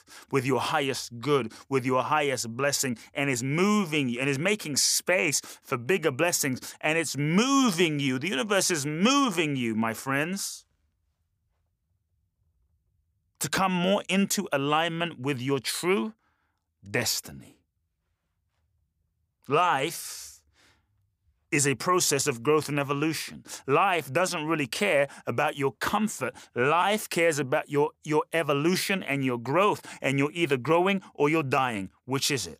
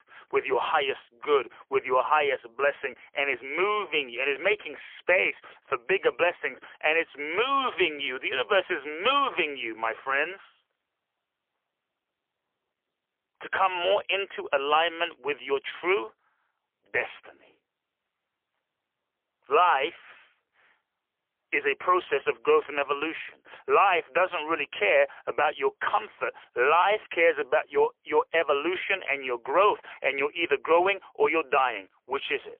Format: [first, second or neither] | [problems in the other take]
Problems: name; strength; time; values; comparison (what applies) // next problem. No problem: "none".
first | phone-call audio; poor line; nothing above 3 kHz